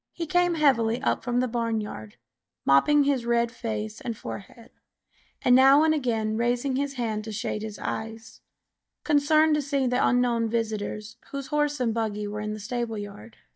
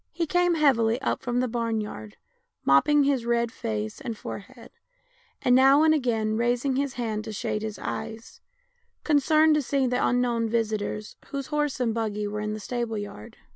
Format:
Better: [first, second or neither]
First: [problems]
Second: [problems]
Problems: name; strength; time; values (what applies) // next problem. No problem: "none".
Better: second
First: noise reduction (neural mask model DeepFilterNet 3)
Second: none